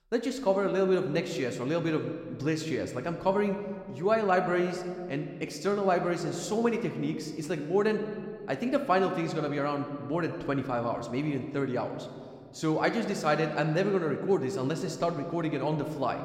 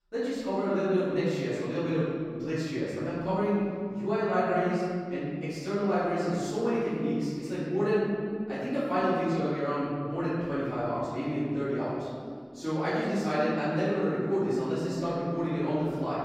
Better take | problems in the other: first | room echo; strong; dies away in 2.2 s; slight in the first // off-mic speech; far

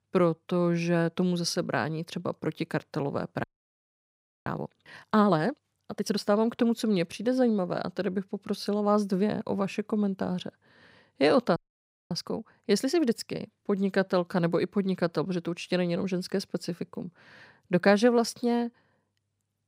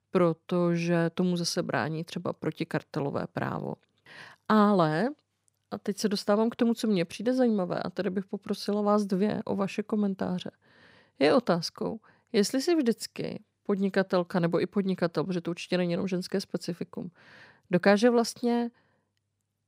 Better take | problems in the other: second | audio freezing; at 3.5 s for 1 s and at 12 s for 0.5 s

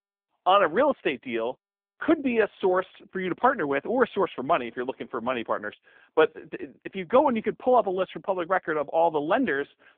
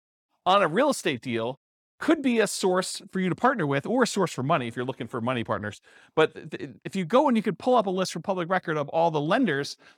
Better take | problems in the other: second | phone-call audio; nothing above 3.5 kHz

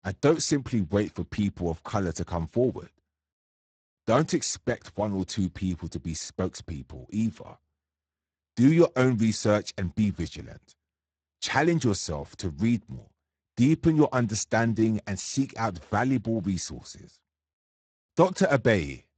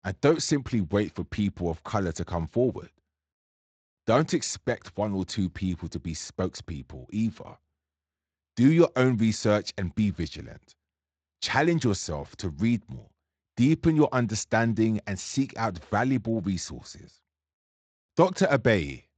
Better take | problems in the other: second | garbled, watery; badly; nothing above 8 kHz; slightly in the second

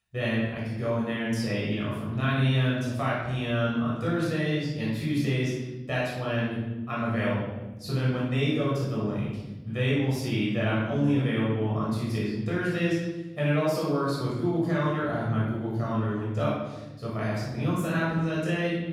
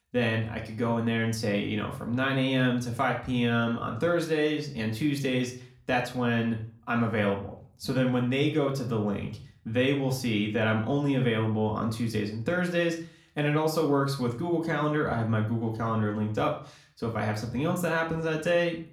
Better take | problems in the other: second | room echo; strong; dies away in 1.2 s; slight in the second // off-mic speech; far; somewhat distant in the second

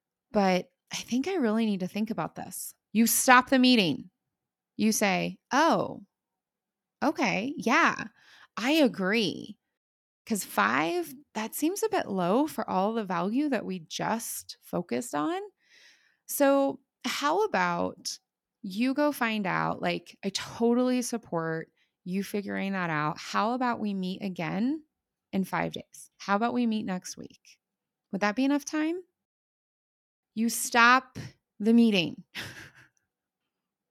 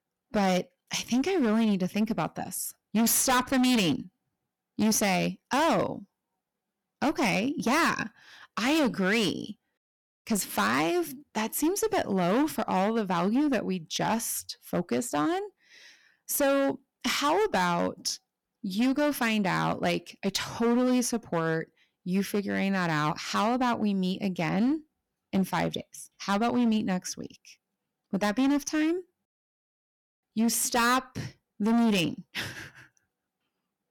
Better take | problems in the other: first | distortion; heavy; 11% of the sound clipped

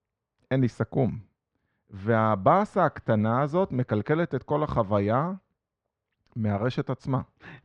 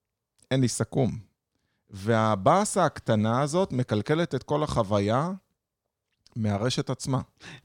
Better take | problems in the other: second | muffled; very; fading above 2 kHz

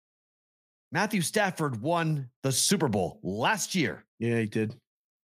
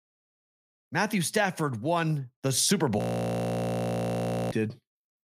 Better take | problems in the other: first | audio freezing; at 3 s for 1.5 s

